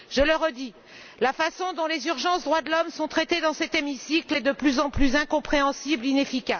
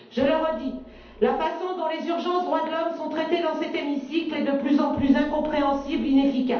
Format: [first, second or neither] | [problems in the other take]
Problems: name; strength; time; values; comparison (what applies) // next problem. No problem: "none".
first | room echo; dies away in 2.2 s